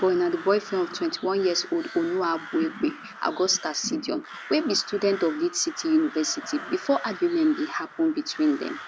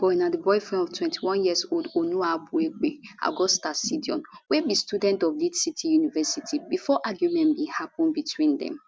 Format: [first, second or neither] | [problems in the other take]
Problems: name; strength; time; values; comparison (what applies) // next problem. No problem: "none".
second | background sound (Crow); 16 dB below the speech